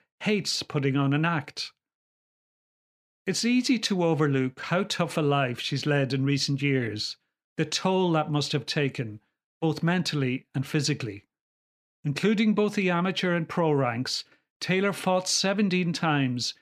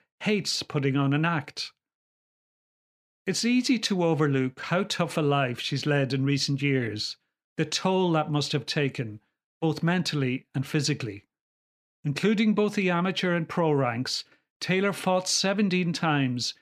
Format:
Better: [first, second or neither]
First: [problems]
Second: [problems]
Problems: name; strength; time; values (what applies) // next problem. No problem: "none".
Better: neither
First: none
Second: none